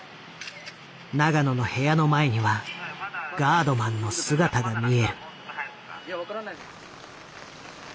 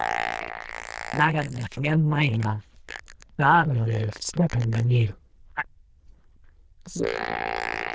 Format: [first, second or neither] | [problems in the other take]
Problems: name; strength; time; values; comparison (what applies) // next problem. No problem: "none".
first | noise reduction (neural diffusion model UNIVERSE++)